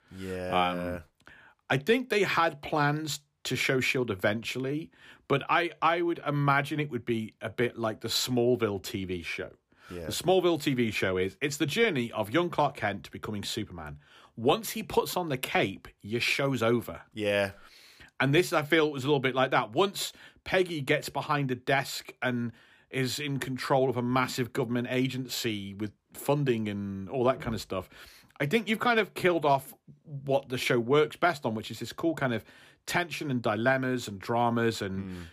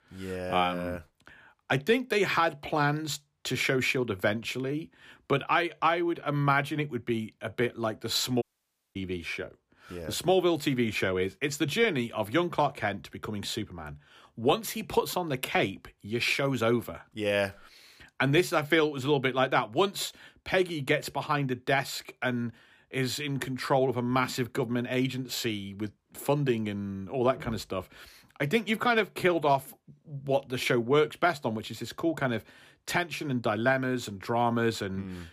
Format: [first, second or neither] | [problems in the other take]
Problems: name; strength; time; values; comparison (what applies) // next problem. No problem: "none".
first | audio cutting out; at 8.5 s for 0.5 s